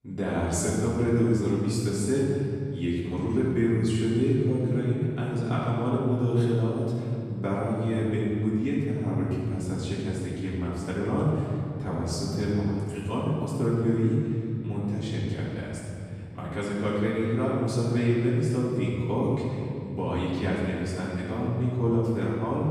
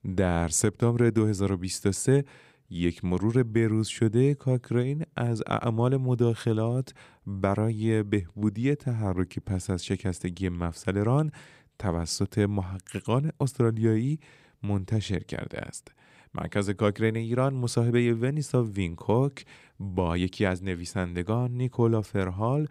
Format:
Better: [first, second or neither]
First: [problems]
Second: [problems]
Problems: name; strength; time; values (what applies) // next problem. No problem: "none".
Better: second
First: room echo; strong; dies away in 2.9 s // off-mic speech; far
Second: none